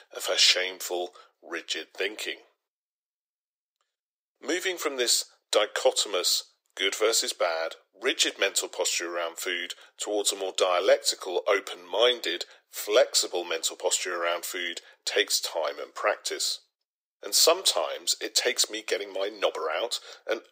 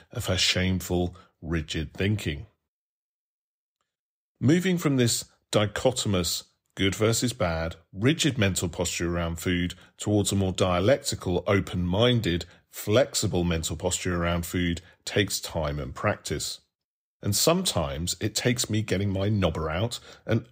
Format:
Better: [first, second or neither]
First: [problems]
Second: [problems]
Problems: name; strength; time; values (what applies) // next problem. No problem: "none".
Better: second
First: thin; very; fading below 400 Hz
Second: none